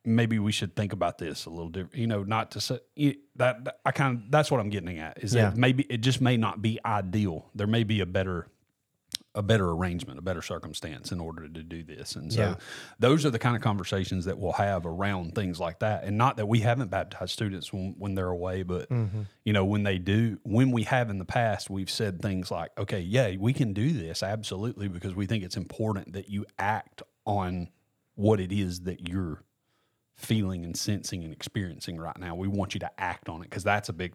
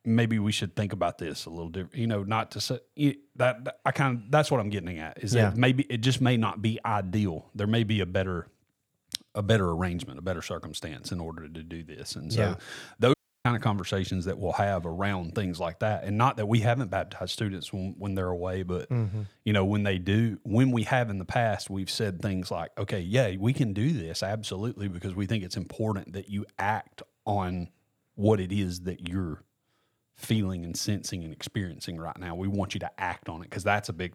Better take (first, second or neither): first